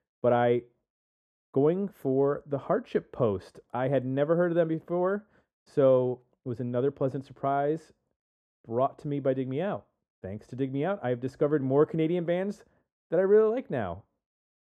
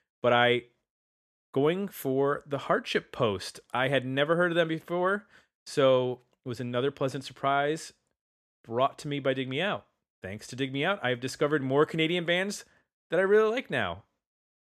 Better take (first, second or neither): second